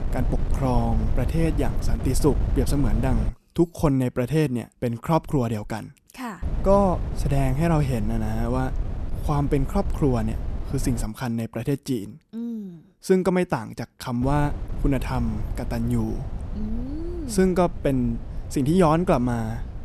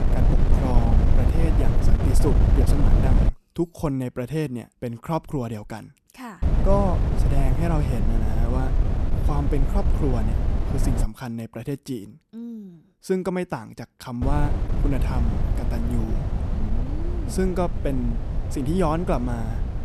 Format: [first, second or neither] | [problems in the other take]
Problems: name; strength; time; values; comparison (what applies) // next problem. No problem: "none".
first | wind noise on the microphone; heavy; until 3.5 s, from 6.5 to 11 s and from 14 s on; 4 dB below the speech; occasional gusts in the first